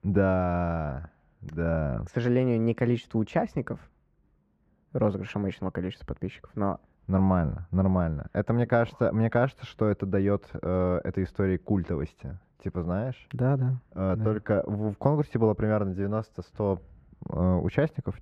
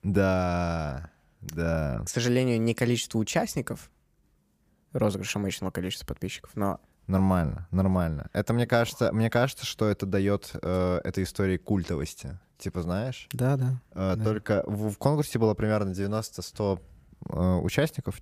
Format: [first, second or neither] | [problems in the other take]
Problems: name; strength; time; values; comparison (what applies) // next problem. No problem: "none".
second | muffled; very; fading above 4 kHz